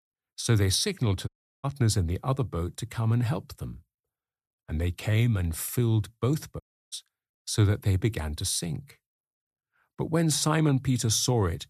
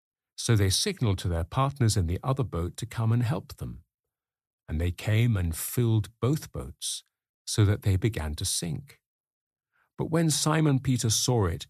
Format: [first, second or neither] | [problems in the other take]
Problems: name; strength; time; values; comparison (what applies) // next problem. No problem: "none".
second | audio cutting out; at 1.5 s and at 6.5 s